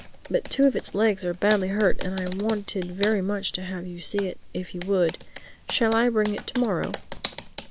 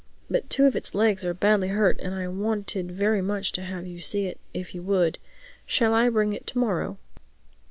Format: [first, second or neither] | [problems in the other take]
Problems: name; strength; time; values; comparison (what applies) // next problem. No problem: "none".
second | background sound (Computer keyboard); 16 dB below the speech